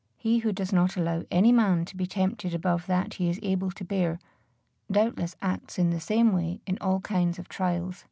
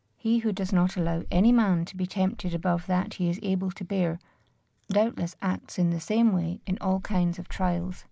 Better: first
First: none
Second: background sound (Chewing, mastication); 12 dB below the speech

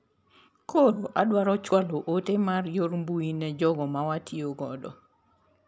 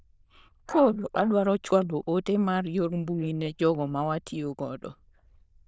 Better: first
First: none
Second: noise reduction (neural diffusion model UNIVERSE++)

